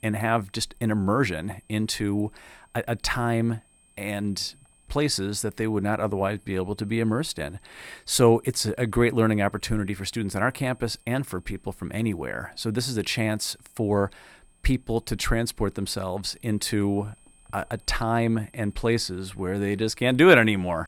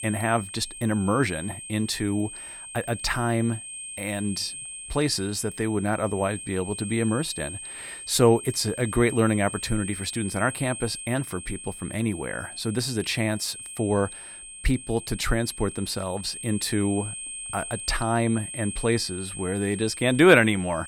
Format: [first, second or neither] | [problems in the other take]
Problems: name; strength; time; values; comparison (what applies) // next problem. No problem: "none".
first | high-pitched whine; loud; throughout; 8.5 kHz, 10 dB below the speech; faint in the first